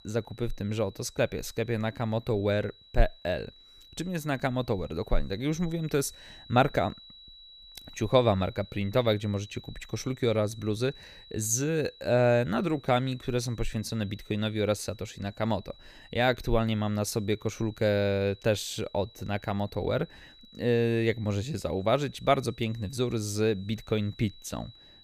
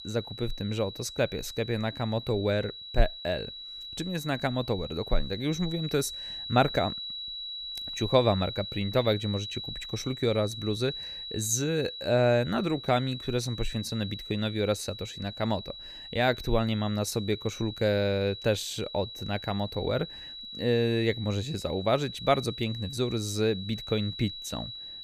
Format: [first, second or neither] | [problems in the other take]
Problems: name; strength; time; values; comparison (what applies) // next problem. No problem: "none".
first | high-pitched whine; loud; throughout; 4 kHz, 9 dB below the speech; faint in the first